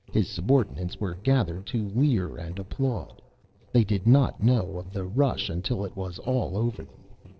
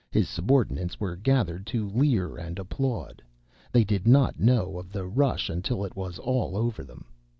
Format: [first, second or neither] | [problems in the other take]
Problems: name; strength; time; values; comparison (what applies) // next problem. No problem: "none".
second | noise reduction (neural separator model SepFormer DNS4)